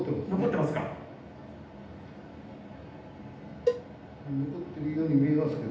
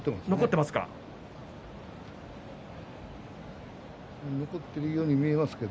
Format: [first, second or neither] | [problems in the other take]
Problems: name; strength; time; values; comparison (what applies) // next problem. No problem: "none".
second | background sound (Cowbell); 3 dB below the speech // room echo; dies away in 0.8 s